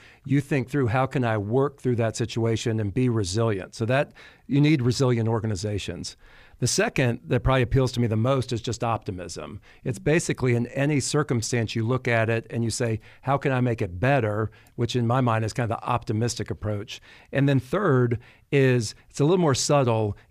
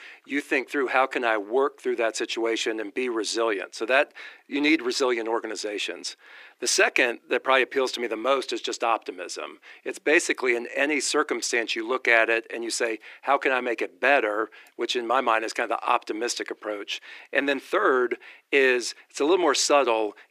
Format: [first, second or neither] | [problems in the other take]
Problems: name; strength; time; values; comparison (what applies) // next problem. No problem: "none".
first | thin; very; fading below 300 Hz